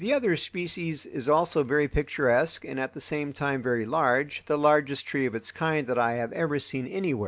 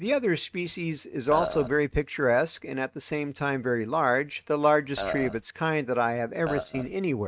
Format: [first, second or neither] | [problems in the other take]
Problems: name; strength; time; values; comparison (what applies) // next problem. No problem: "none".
first | noise reduction (neural mask model RNNoise)